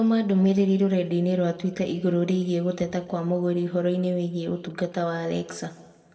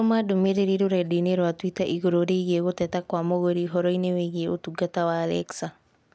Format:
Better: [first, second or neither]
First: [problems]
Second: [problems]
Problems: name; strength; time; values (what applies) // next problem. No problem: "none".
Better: second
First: room echo; dies away in 1.2 s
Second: none